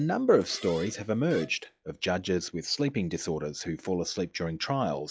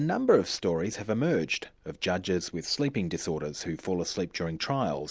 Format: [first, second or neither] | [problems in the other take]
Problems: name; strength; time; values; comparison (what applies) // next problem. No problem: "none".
second | noise reduction (classical method log-MMSE)